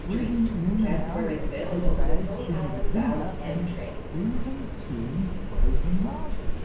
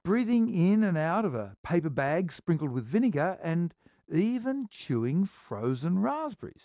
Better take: second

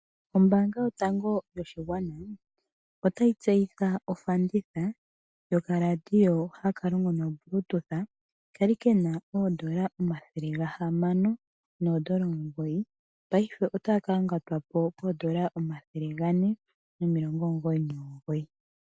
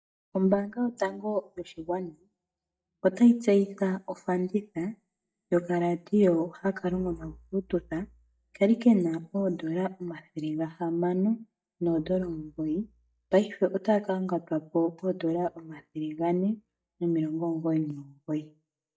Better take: first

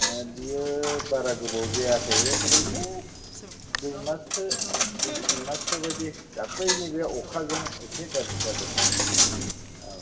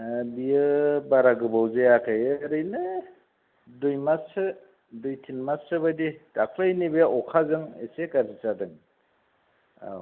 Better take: second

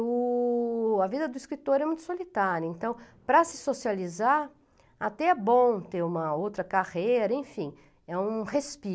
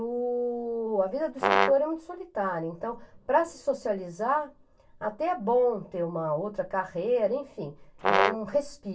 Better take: first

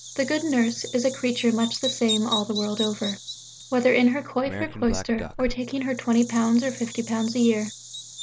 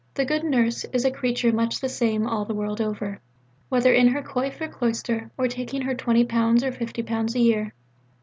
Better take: second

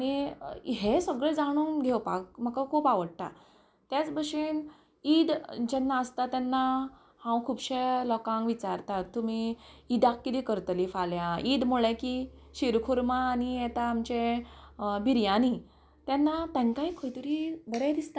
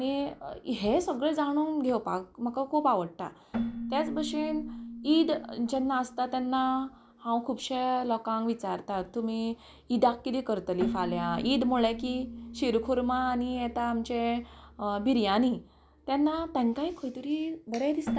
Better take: first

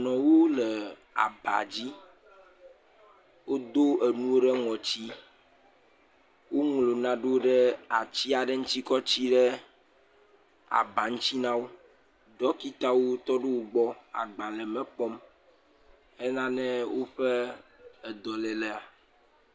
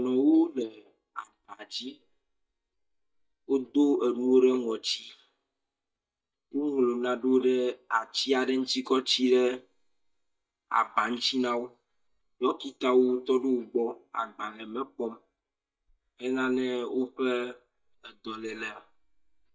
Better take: first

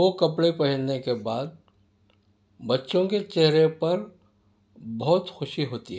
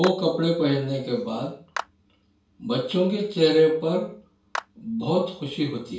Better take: first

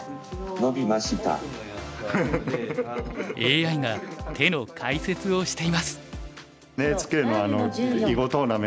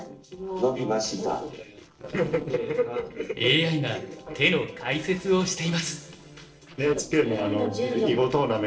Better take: first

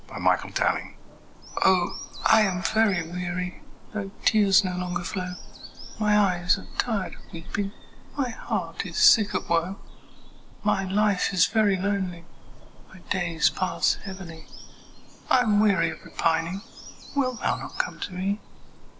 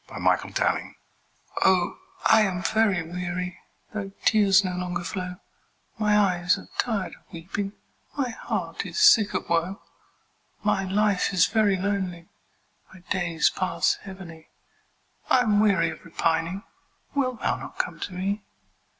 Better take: second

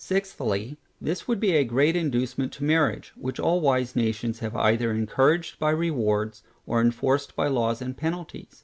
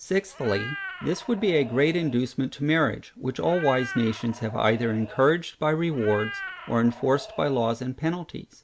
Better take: first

